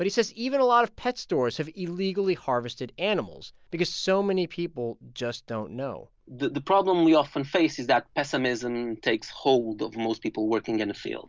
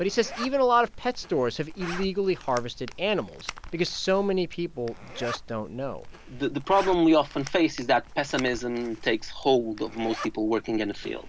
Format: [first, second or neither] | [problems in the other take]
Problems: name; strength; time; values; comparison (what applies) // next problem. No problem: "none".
first | background sound (Zipper (clothing)); 13 dB below the speech